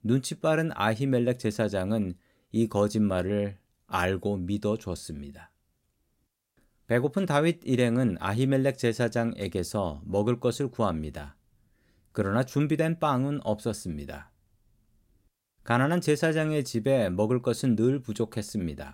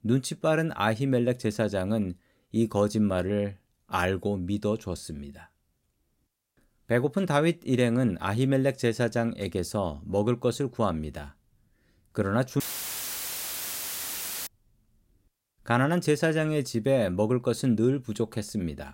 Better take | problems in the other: first | audio cutting out; filled with static; at 13 s for 2 s

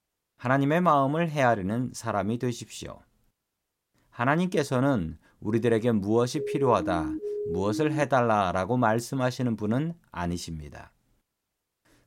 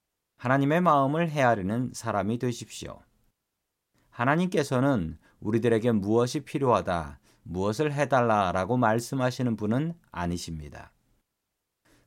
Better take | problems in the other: second | siren; noticeable; from 6.5 to 8 s; peak 6 dB below the speech

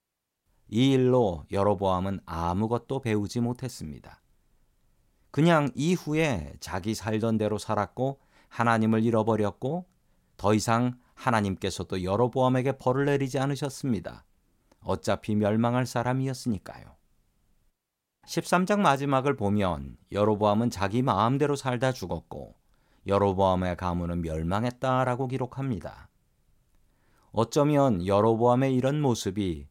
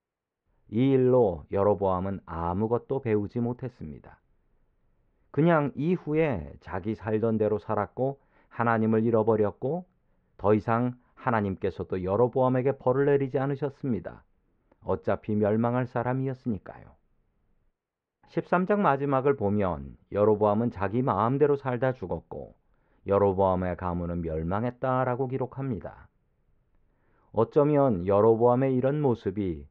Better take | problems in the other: first | muffled; very; fading above 2 kHz

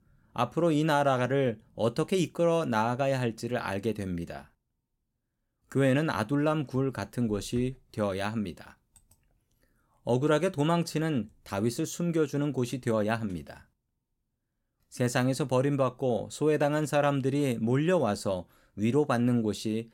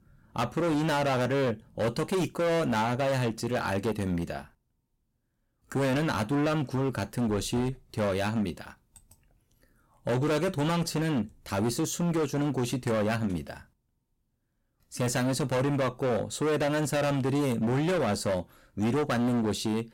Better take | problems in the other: first | distortion; heavy; 20% of the sound clipped

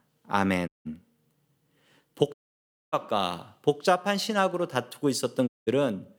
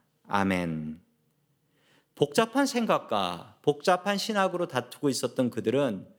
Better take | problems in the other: second | audio cutting out; at 0.5 s, at 2.5 s for 0.5 s and at 5.5 s

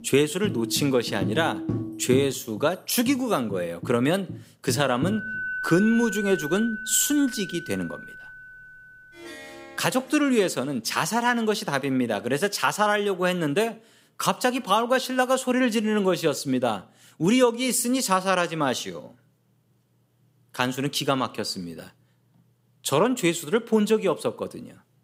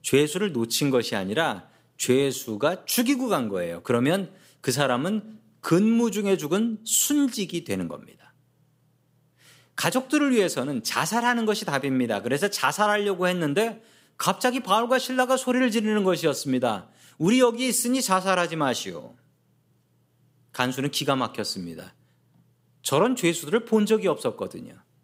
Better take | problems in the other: second | background music; loud; until 10 s; 10 dB below the speech

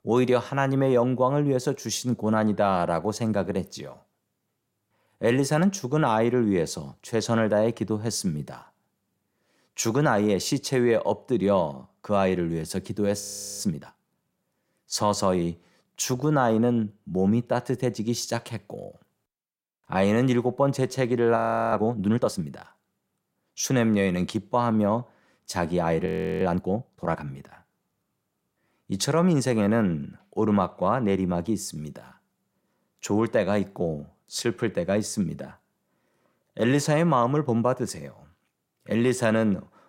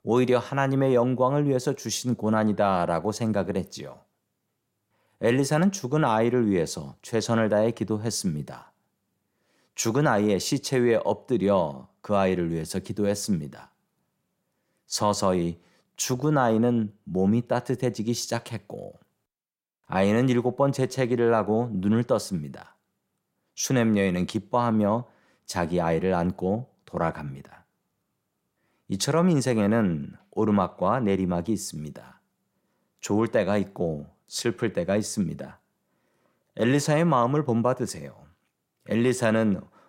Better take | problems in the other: second | audio freezing; at 13 s, at 21 s and at 26 s

